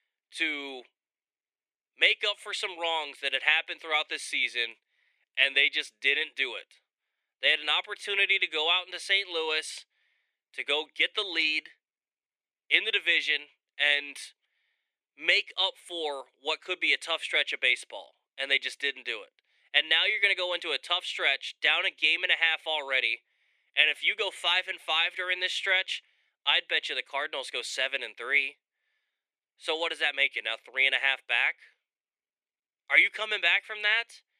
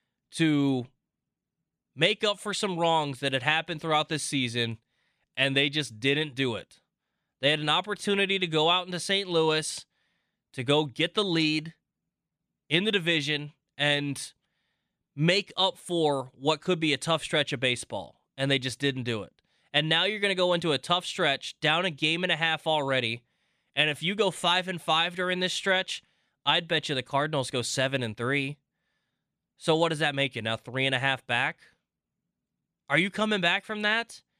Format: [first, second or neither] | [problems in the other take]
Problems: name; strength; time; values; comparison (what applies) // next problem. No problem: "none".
second | thin; very; fading below 400 Hz